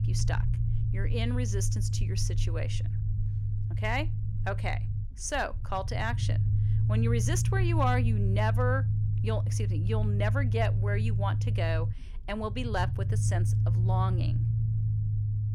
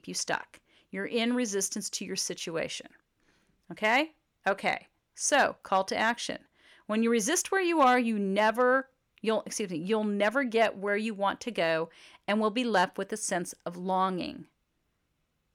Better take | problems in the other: second | low rumble; loud; throughout; 8 dB below the speech

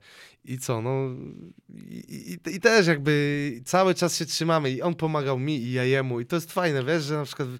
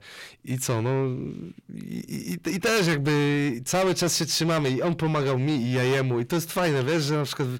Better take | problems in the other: first | distortion; heavy; 6 dB below the speech

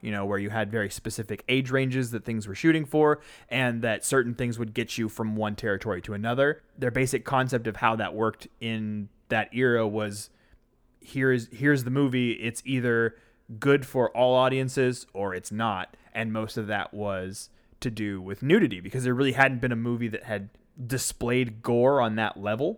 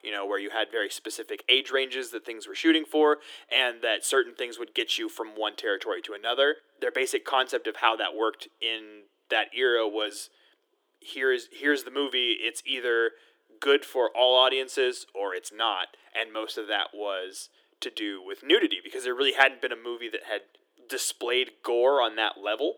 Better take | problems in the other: first | thin; very; fading below 300 Hz

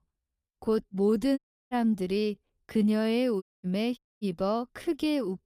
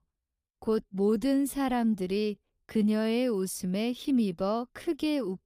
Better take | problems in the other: second | audio cutting out; at 1.5 s, at 3.5 s and at 4 s

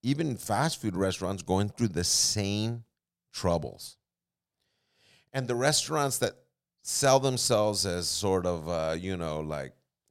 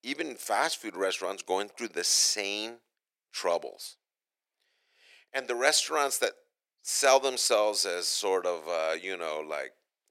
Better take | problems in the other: first | thin; very; fading below 350 Hz

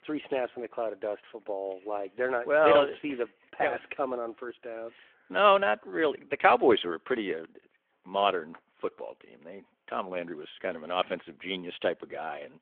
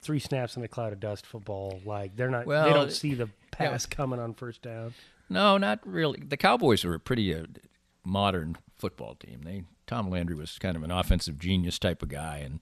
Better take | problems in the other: second | phone-call audio; nothing above 3.5 kHz

